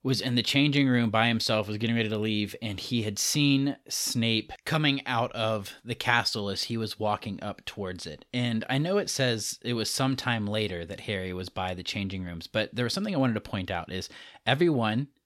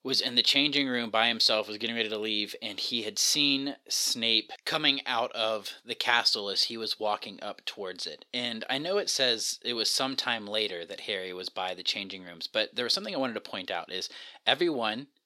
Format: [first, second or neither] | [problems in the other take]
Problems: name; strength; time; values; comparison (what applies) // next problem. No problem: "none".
first | thin; somewhat; fading below 400 Hz